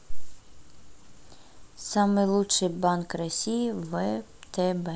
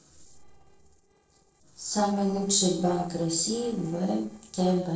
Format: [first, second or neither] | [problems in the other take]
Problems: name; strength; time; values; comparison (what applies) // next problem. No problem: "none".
first | noise reduction (neural separator model SepFormer DNS4)